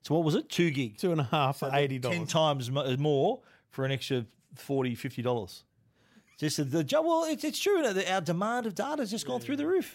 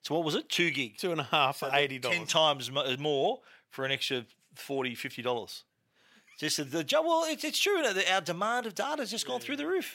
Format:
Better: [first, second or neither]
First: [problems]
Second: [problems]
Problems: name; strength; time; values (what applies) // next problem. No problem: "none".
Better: first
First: none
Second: thin; somewhat; fading below 550 Hz